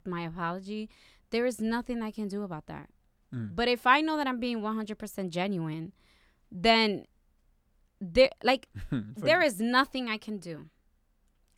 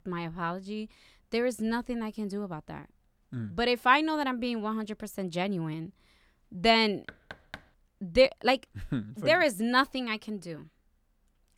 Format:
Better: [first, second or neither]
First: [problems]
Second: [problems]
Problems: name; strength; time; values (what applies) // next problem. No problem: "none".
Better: first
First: none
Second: door banging; faint; at 7 s; peak 15 dB below the speech